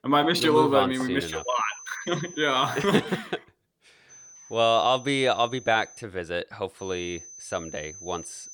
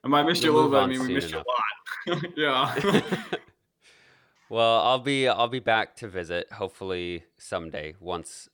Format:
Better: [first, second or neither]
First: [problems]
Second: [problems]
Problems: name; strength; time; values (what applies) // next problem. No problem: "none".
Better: second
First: high-pitched whine; noticeable; from 1.5 to 3 s, from 4 to 6 s and from 7 s on; 6 kHz, 20 dB below the speech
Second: none